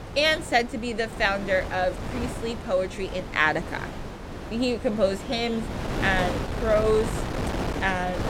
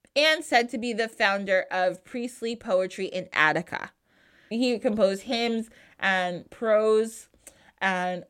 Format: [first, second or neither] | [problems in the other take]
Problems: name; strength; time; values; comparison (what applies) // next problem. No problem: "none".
second | wind noise on the microphone; heavy; 10 dB below the speech